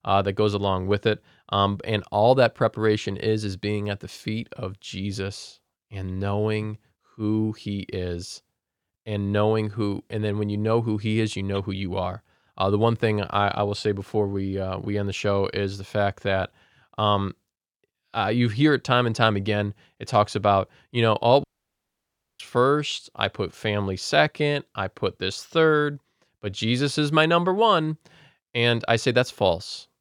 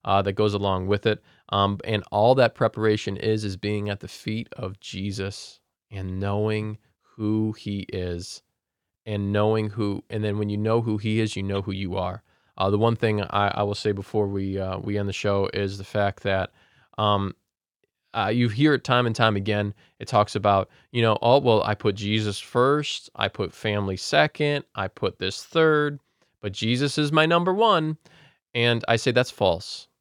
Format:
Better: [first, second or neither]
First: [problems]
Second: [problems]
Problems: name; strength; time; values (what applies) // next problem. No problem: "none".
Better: second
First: audio cutting out; at 21 s for 1 s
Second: none